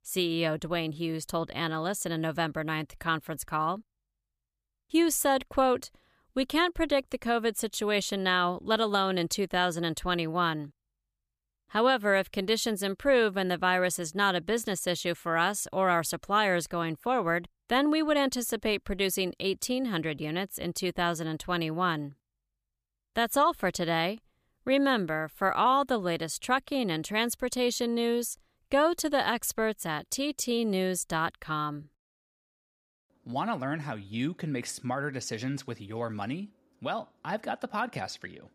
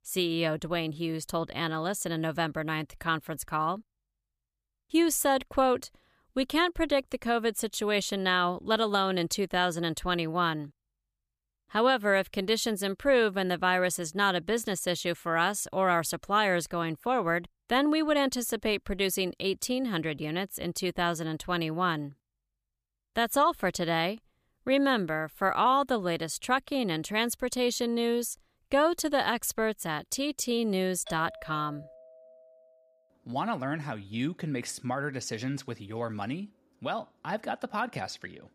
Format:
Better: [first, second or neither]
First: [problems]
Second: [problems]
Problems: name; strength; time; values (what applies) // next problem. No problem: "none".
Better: first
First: none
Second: doorbell; faint; from 31 to 33 s; peak 15 dB below the speech